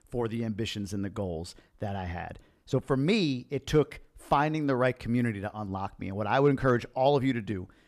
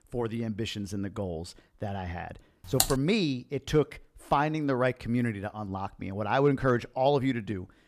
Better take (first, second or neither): first